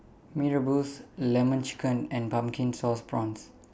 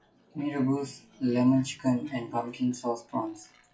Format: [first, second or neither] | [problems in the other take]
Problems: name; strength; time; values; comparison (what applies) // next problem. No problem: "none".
first | noise reduction (classical method WPE with log-MMSE)